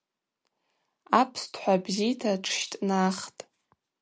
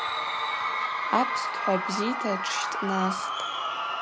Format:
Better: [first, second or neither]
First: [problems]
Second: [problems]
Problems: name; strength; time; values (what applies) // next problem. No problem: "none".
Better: first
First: none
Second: background sound (Crowd / Cheering); 2 dB above the speech